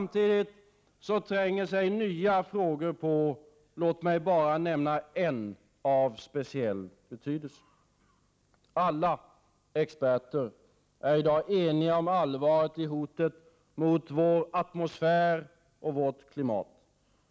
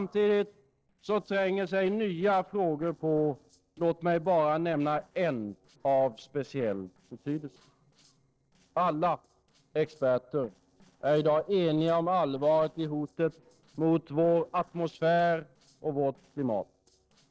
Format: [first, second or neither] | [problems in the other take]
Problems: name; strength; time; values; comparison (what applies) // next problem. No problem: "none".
first | noise reduction (neural separator model SepFormer DNS4)